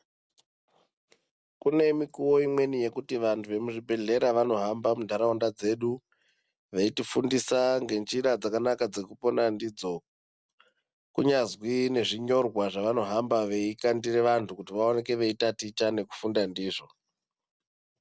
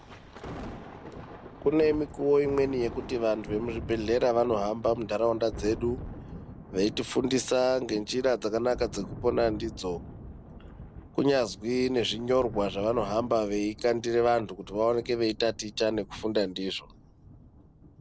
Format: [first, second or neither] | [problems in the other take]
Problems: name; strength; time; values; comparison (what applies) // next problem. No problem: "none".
first | background sound (Thunder); 14 dB below the speech